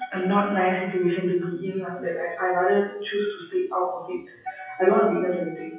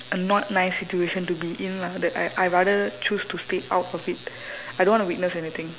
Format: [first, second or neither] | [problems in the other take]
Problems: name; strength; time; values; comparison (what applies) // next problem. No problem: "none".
second | noise reduction (classical method WPE with log-MMSE)